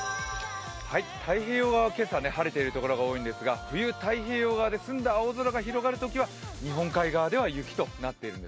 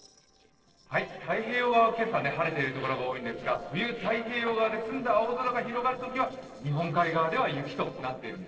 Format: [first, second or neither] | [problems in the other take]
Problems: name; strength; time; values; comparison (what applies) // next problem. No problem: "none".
first | noise reduction (neural separator model SepFormer DNS4)